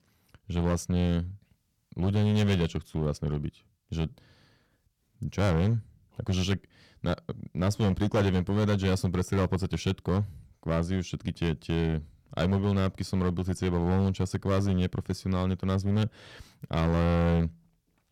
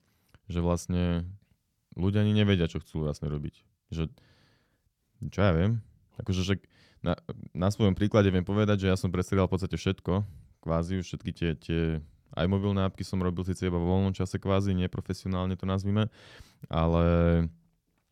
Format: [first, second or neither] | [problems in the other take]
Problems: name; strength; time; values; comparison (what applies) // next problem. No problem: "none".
second | distortion; slight; 8% of the sound clipped